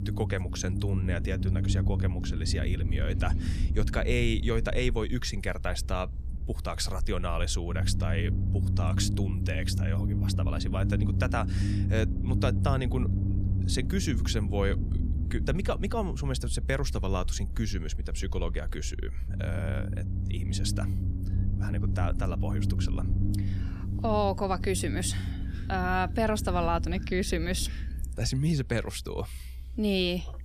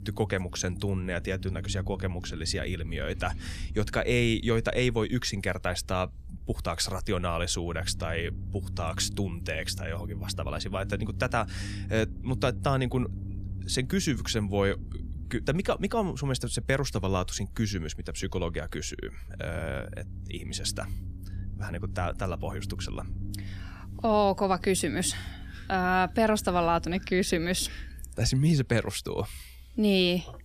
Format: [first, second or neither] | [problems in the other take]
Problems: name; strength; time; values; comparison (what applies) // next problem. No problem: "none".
second | low rumble; loud; throughout; 10 dB below the speech; faint in the second